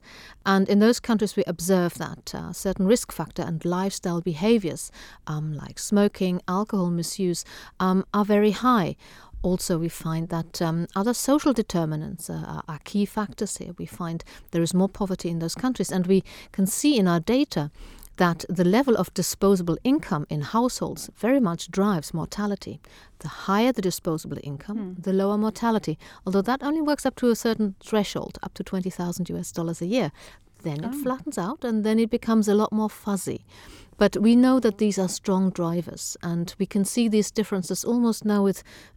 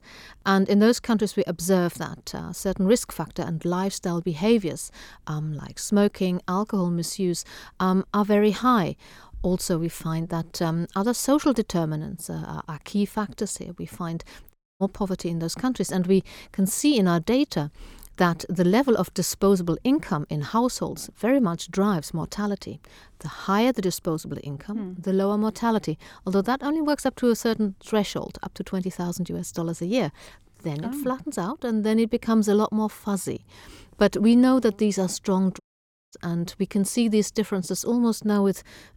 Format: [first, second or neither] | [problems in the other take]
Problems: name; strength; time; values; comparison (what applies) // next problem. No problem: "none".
first | audio cutting out; at 15 s and at 36 s for 0.5 s